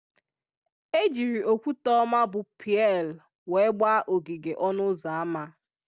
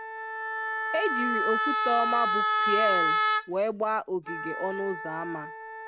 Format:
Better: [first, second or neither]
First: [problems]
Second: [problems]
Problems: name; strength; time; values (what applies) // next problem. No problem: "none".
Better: first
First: none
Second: background sound (Wind instrument, woodwind instrument); 3 dB above the speech